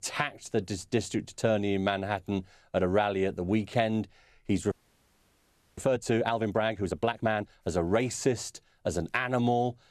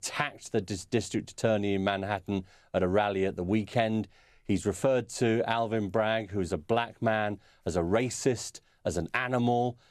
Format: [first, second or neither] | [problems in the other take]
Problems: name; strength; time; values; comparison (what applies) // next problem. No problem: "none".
second | audio freezing; at 4.5 s for 1 s